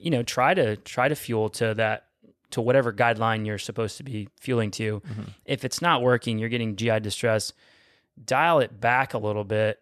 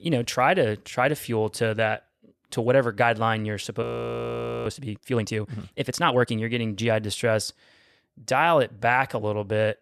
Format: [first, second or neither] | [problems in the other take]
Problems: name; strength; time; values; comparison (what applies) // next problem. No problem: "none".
first | audio freezing; at 4 s for 1 s